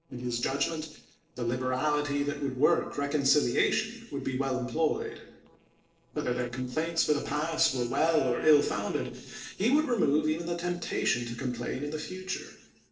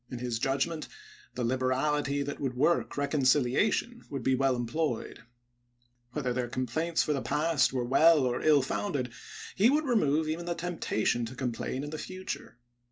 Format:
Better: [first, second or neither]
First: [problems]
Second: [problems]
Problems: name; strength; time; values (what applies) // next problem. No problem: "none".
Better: second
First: noise reduction (neural separator model SepFormer DNS4)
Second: none